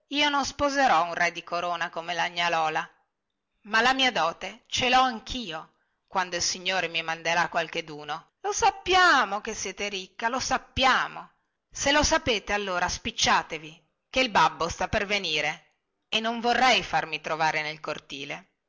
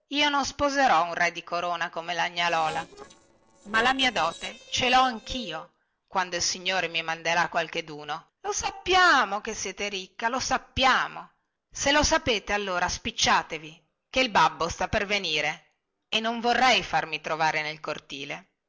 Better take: first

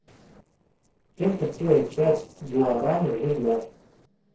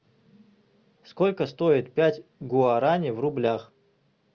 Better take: second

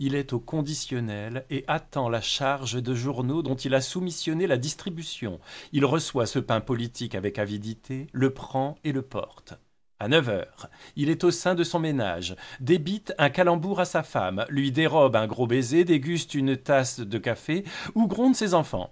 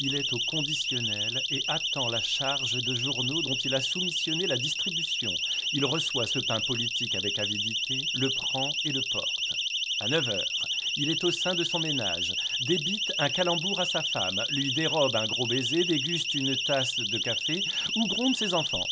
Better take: first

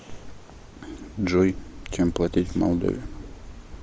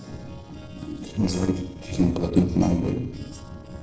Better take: first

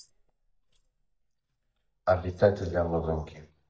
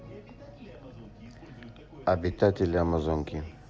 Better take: second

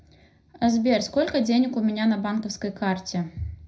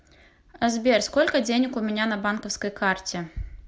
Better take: second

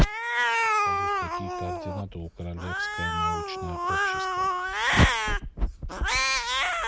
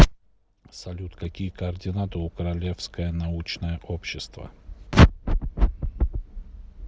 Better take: second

